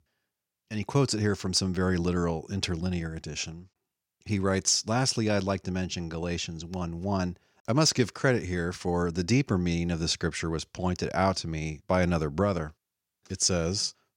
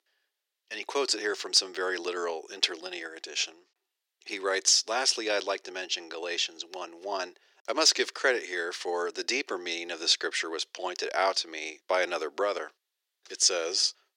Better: first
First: none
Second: thin; very; fading below 350 Hz

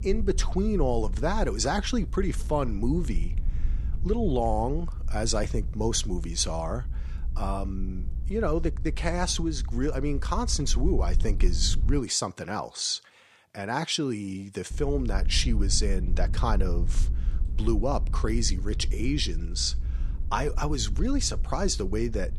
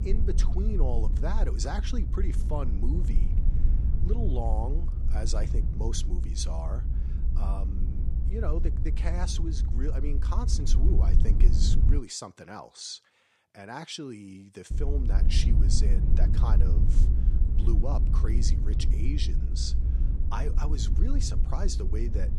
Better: first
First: low rumble; faint; until 12 s and from 15 s on; 20 dB below the speech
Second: low rumble; loud; until 12 s and from 15 s on; 7 dB below the speech

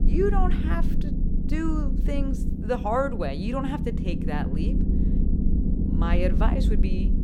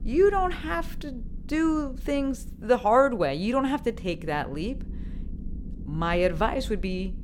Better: second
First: low rumble; loud; throughout; 7 dB below the speech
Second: low rumble; faint; throughout; 25 dB below the speech

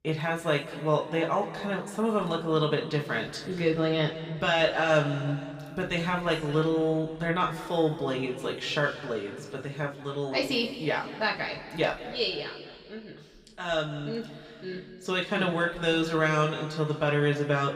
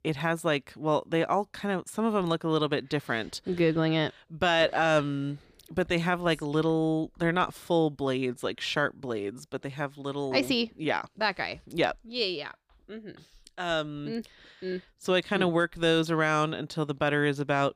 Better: second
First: room echo; noticeable; dies away in 2.1 s // off-mic speech; somewhat distant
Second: none

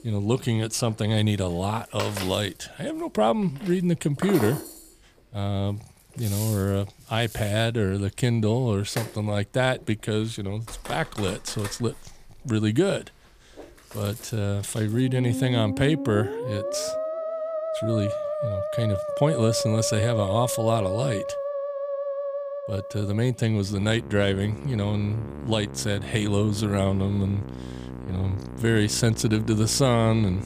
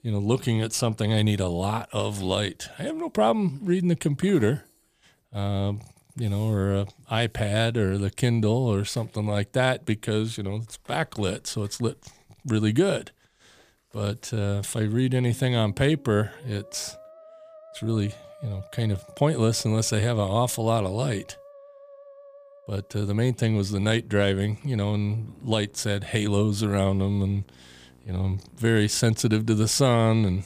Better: second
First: background music; loud; throughout; 7 dB below the speech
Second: background music; faint; throughout; 25 dB below the speech

